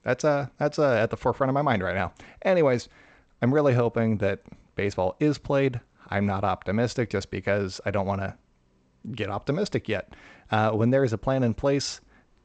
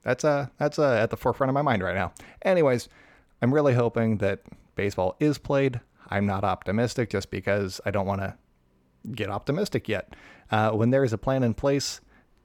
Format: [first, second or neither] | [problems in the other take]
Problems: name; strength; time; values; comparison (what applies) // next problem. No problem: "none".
second | garbled, watery; slightly; nothing above 8 kHz